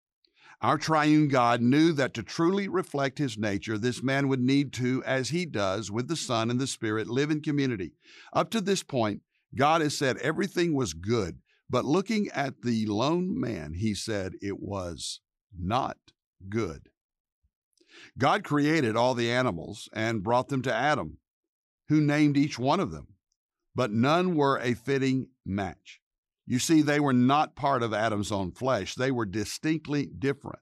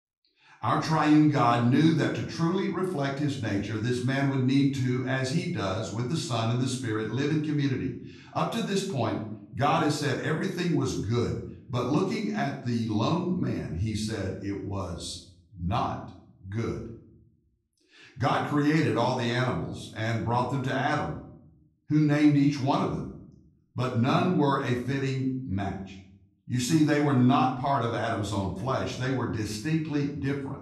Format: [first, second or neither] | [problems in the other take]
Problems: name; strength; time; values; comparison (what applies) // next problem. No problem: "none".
first | off-mic speech; far // room echo; noticeable; dies away in 0.6 s